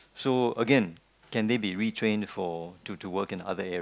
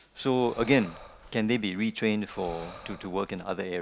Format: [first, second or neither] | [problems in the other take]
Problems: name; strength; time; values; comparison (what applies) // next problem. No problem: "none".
first | background sound (Breathing); 19 dB below the speech